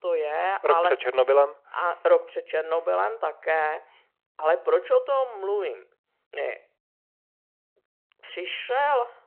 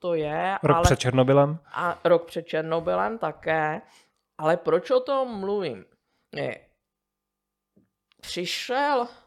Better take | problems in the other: second | phone-call audio

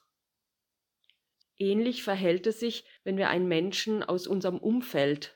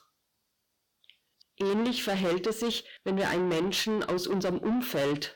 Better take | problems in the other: first | distortion; heavy; 7 dB below the speech

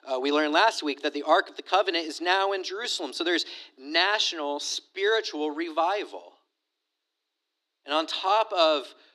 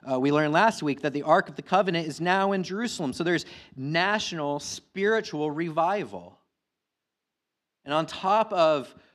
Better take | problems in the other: second | thin; somewhat; fading below 300 Hz

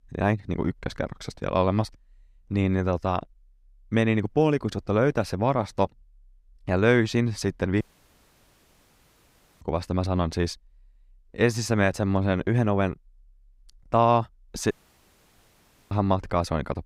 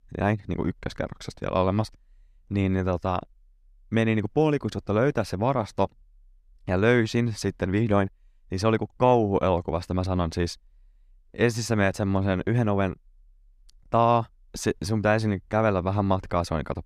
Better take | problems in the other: second | audio cutting out; at 8 s for 2 s and at 15 s for 1 s

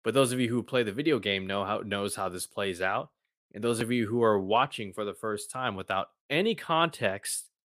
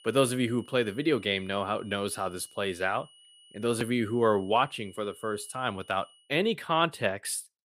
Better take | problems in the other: first | high-pitched whine; faint; until 6 s; 3 kHz, 25 dB below the speech

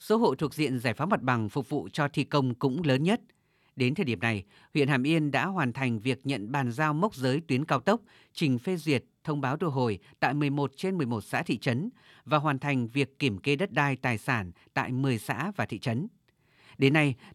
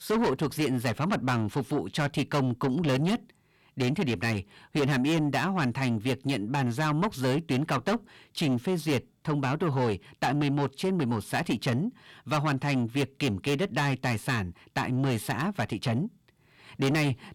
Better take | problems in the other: first | distortion; heavy; 7 dB below the speech

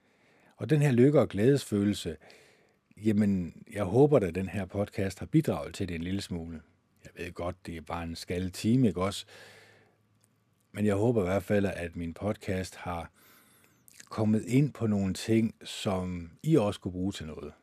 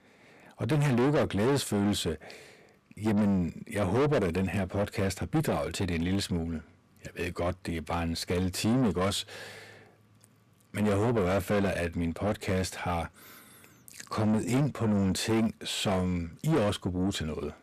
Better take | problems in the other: first | distortion; heavy; 6 dB below the speech

